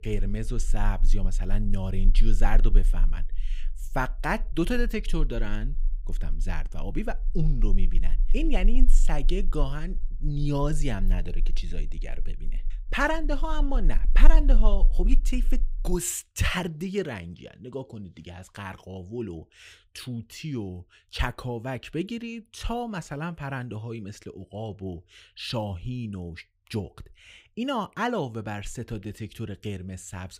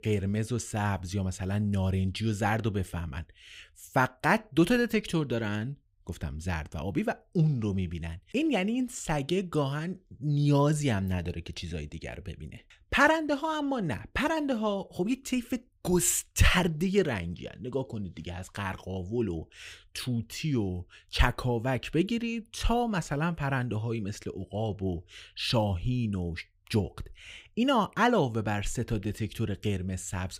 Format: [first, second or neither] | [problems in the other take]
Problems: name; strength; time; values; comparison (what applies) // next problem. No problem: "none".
second | low rumble; faint; until 16 s; 25 dB below the speech